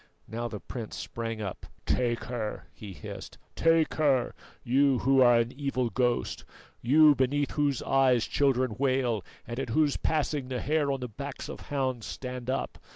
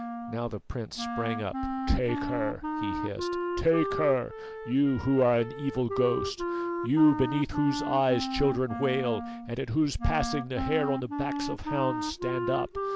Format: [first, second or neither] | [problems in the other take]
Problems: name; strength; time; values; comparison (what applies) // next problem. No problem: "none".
first | background sound (Wind instrument, woodwind instrument); 5 dB below the speech